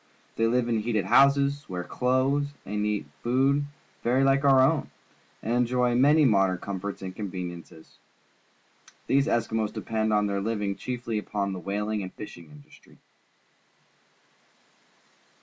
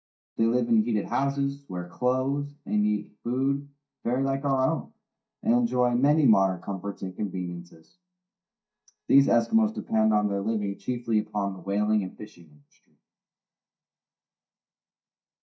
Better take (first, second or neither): first